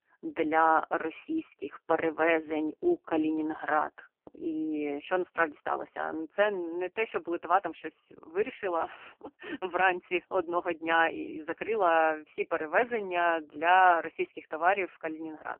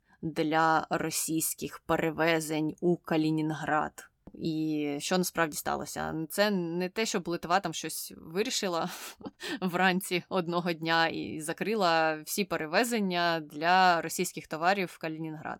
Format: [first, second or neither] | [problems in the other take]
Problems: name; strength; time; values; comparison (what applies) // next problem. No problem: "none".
second | phone-call audio; poor line; nothing above 3 kHz